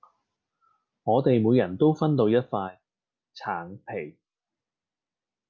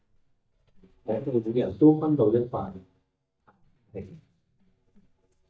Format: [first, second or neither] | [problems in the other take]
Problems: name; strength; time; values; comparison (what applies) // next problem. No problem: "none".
first | noise reduction (neural mask model DeepFilterNet 3)